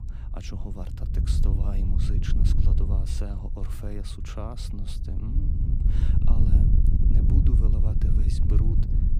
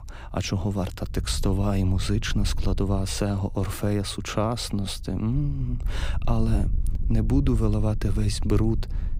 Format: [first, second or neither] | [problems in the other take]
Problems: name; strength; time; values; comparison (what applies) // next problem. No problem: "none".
second | wind noise on the microphone; heavy; 2 dB above the speech; occasional gusts in the second